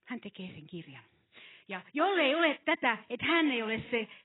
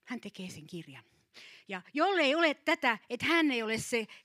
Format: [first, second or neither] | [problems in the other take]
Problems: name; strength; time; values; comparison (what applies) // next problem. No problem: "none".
second | garbled, watery; badly; nothing above 3.5 kHz